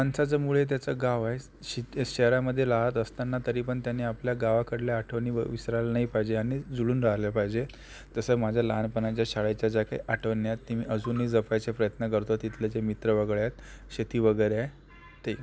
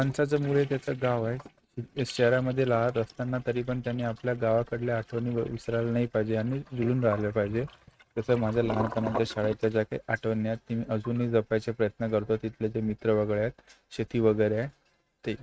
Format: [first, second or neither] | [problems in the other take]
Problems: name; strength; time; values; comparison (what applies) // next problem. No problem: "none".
first | noise reduction (neural mask model RNNoise)